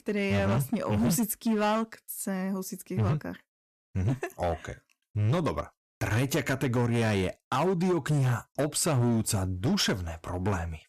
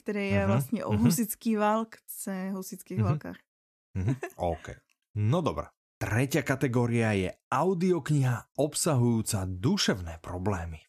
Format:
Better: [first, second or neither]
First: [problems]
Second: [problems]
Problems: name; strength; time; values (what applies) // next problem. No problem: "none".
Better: second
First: distortion; slight; 12% of the sound clipped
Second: none